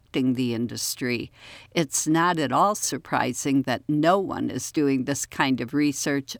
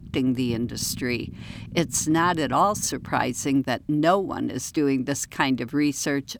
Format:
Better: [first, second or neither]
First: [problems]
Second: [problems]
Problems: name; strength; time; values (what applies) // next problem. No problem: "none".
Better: first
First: none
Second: low rumble; faint; throughout; 25 dB below the speech